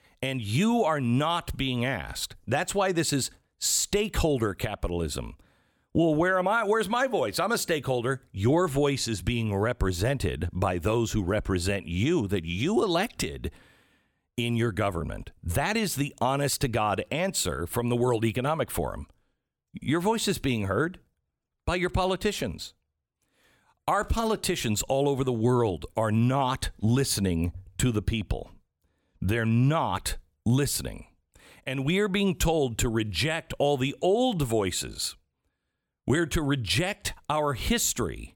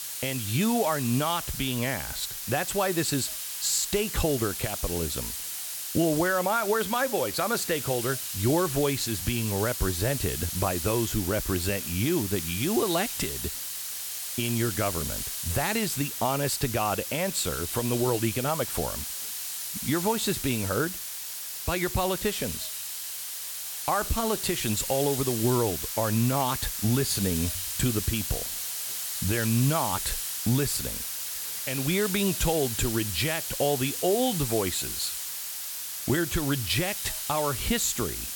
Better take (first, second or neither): first